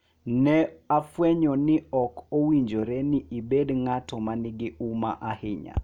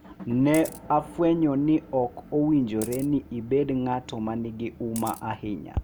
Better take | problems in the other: first | background sound (Camera + Motor vehicle (road) / Engine); 19 dB below the speech

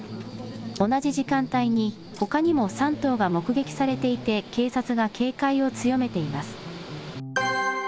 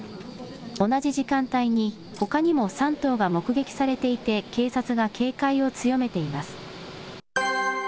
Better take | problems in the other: second | background sound (Bass guitar); 14 dB below the speech

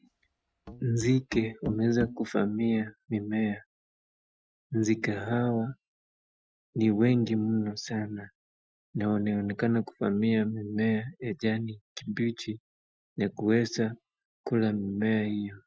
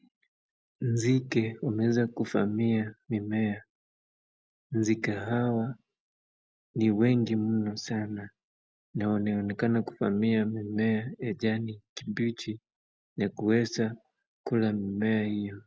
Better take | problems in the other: second | noise reduction (classical method Wiener filter)

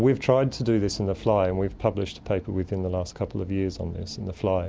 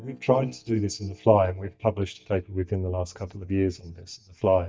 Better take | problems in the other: first | noise reduction (neural mask model DeepFilterNet 3)

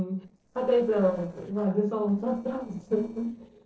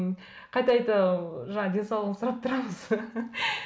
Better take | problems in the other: second | noise reduction (neural separator model SepFormer DNS4)

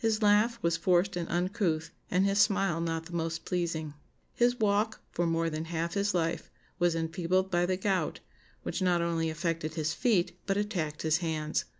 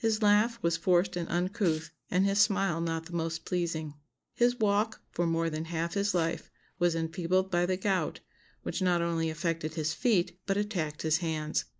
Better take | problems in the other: first | noise reduction (neural mask model Resemble Enhance denoiser)

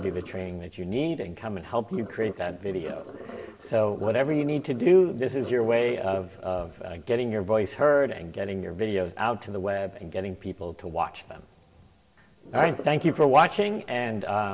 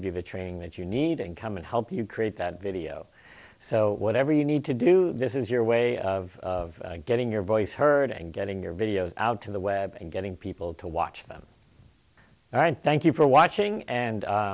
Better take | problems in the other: second | background sound (Sink (filling or washing)); 17 dB below the speech // room echo; dies away in 1.7 s

